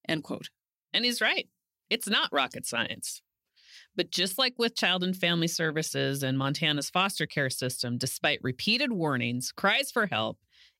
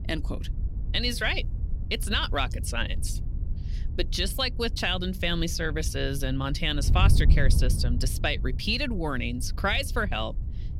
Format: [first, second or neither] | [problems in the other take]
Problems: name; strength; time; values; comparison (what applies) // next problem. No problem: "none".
first | wind noise on the microphone; occasional gusts; 20 dB below the speech